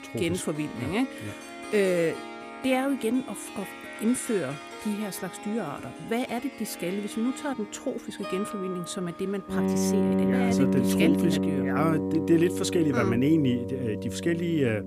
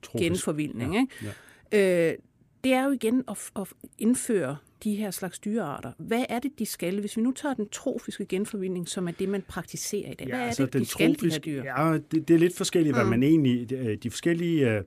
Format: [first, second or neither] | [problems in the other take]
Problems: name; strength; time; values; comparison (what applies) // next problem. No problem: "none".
second | background music; loud; throughout; 2 dB below the speech